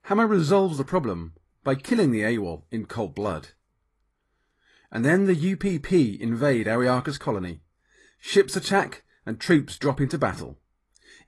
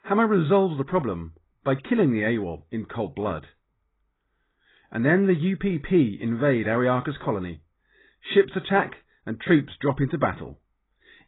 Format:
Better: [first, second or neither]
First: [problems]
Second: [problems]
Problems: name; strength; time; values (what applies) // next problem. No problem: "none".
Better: first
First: garbled, watery; slightly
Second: garbled, watery; badly; nothing above 4 kHz